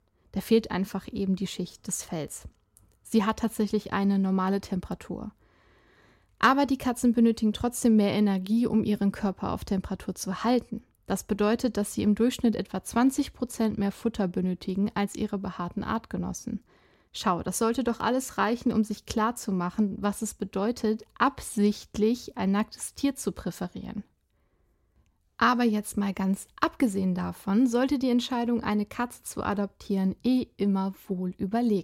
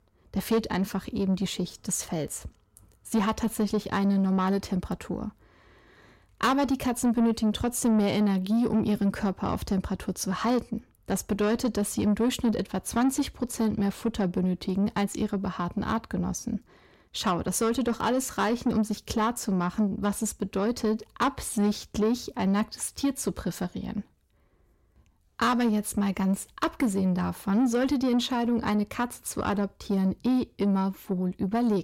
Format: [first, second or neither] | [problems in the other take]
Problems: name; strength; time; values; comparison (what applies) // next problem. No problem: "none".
first | distortion; slight; 10 dB below the speech